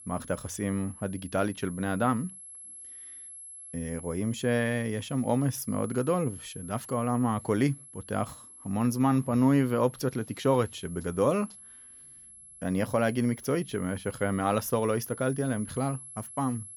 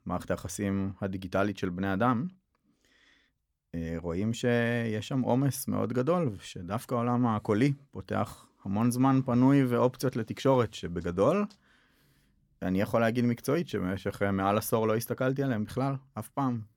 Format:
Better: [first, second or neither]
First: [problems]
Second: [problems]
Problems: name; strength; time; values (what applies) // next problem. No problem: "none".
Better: second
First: high-pitched whine; noticeable; throughout; 11 kHz, 15 dB below the speech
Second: none